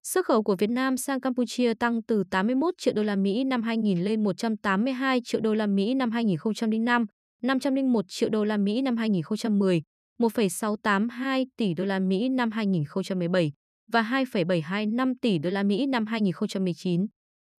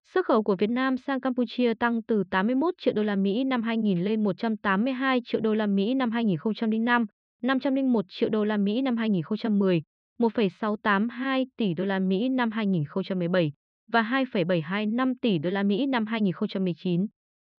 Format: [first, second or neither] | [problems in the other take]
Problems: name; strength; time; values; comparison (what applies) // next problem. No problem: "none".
first | muffled; slightly; fading above 4 kHz